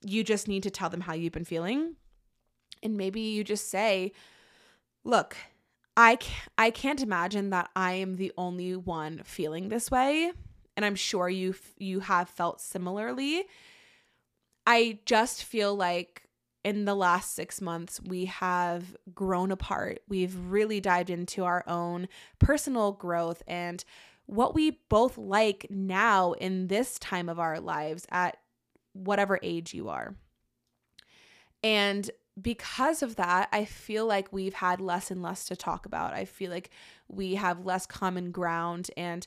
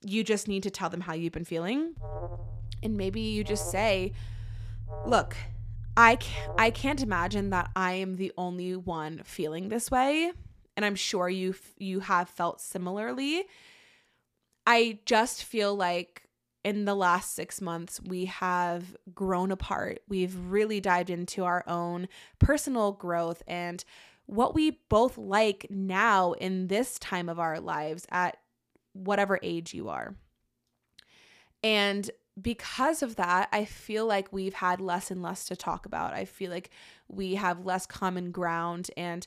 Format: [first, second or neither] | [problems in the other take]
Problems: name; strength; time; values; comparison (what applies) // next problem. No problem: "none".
first | alarm; noticeable; from 2 to 7.5 s; peak 9 dB below the speech